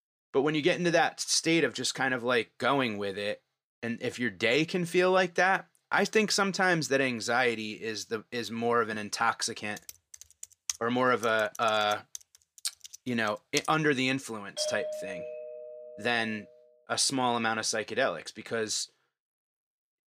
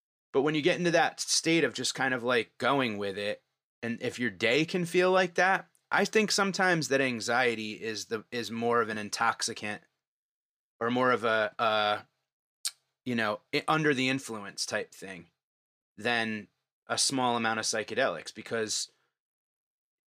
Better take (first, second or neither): second